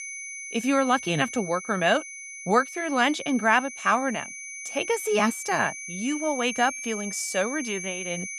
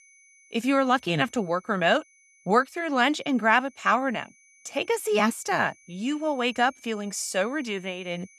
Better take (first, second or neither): second